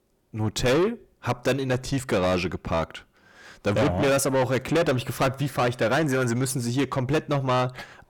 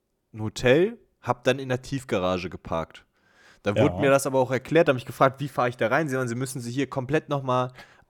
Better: second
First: distortion; heavy; 6 dB below the speech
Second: none

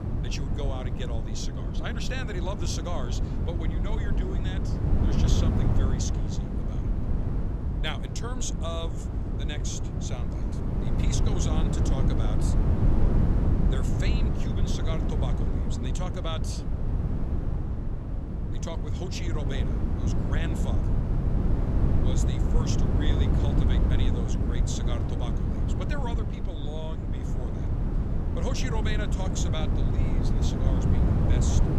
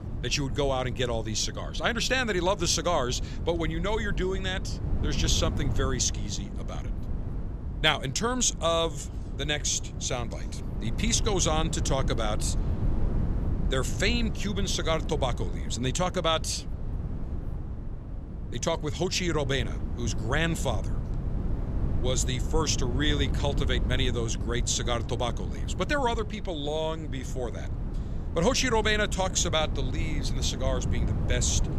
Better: second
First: wind noise on the microphone; heavy; as loud as the speech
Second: wind noise on the microphone; occasional gusts; 15 dB below the speech

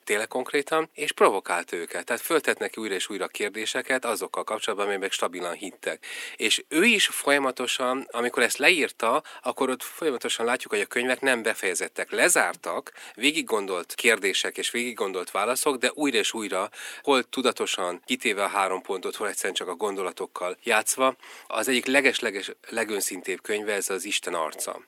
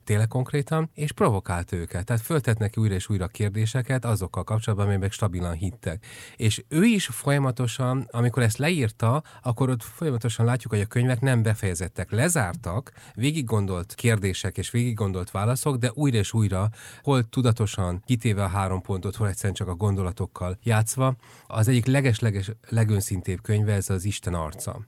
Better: second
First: thin; very; fading below 300 Hz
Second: none

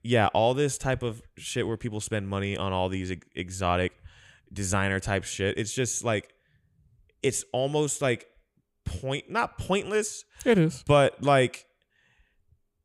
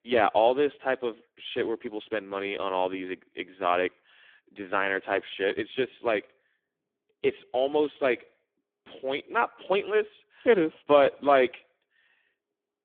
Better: first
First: none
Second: phone-call audio; poor line; nothing above 3.5 kHz

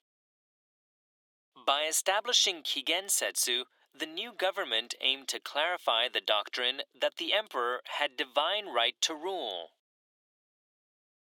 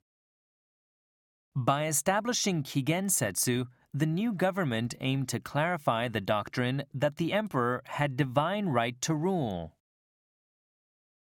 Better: second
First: thin; very; fading below 400 Hz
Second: none

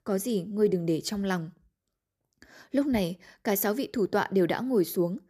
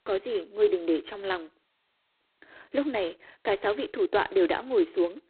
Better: first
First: none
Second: phone-call audio; poor line; nothing above 4 kHz

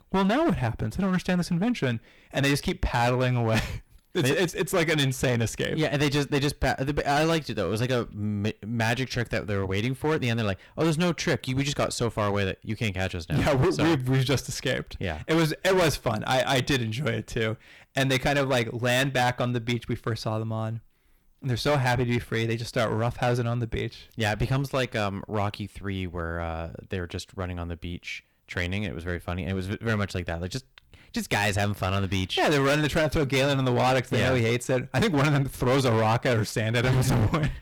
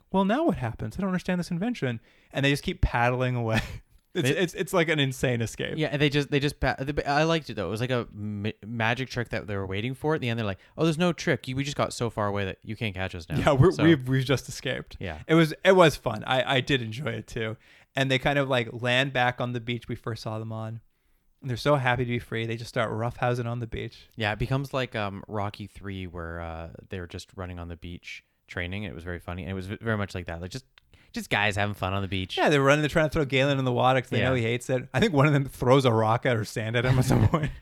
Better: second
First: distortion; heavy; 12% of the sound clipped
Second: none

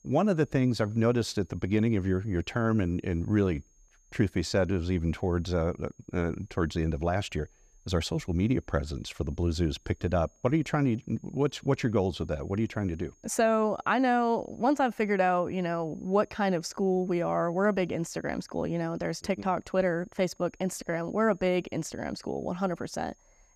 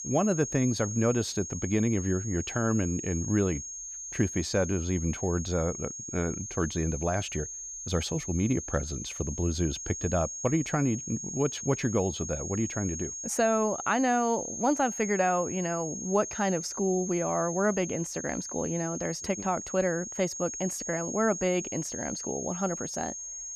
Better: first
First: high-pitched whine; faint; throughout; 6.5 kHz, 35 dB below the speech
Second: high-pitched whine; loud; throughout; 6.5 kHz, 6 dB below the speech

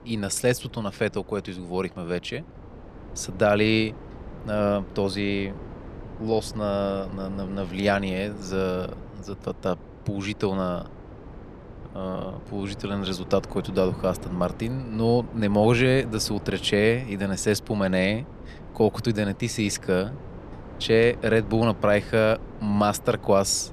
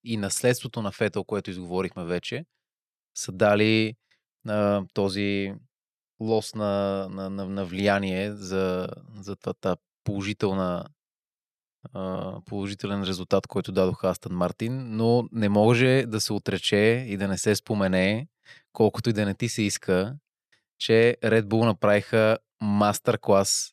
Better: second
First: wind noise on the microphone; occasional gusts; 20 dB below the speech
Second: none

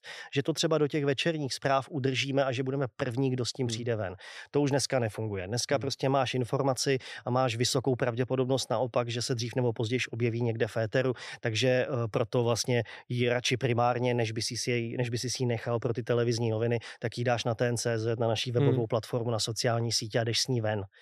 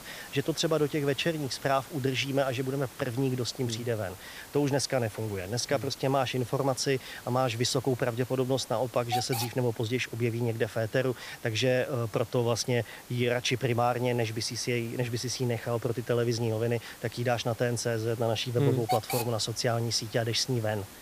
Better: first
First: none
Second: hiss; noticeable; throughout; 15 dB below the speech

